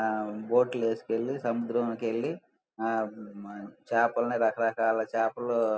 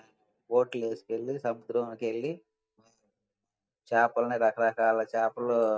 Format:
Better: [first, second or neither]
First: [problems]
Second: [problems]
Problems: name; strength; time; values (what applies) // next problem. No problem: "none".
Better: first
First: none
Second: noise reduction (neural mask model DeepFilterNet 3)